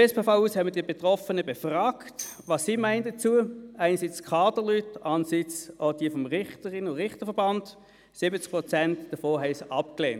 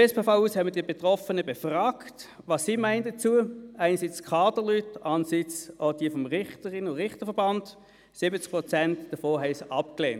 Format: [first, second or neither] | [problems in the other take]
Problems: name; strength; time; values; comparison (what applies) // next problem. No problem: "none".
second | background sound (Tambourine); 19 dB below the speech